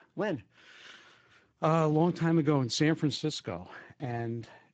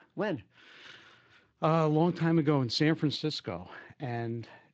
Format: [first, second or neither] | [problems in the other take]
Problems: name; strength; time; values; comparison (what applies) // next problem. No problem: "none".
second | garbled, watery; badly; nothing above 7.5 kHz; slightly in the second